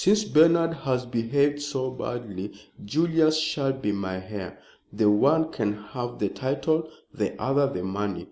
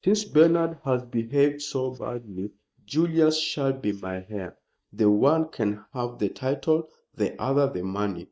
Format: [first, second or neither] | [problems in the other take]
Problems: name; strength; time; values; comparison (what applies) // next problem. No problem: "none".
first | noise reduction (neural mask model DeepFilterNet 3)